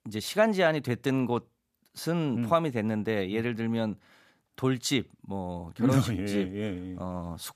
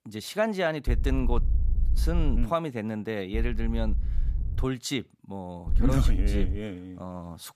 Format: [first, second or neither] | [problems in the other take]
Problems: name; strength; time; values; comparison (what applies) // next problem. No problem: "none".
first | low rumble; noticeable; from 1 to 2.5 s, from 3.5 to 4.5 s and at 5.5 s; 15 dB below the speech